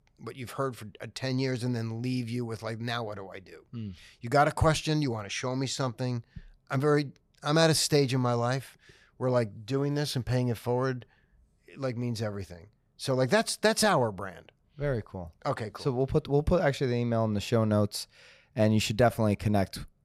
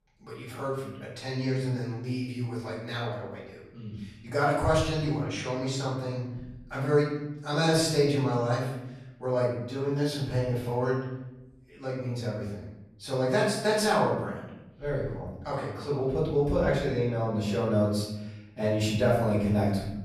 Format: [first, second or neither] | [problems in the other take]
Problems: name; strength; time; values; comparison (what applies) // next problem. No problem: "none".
first | off-mic speech; far // room echo; noticeable; dies away in 0.9 s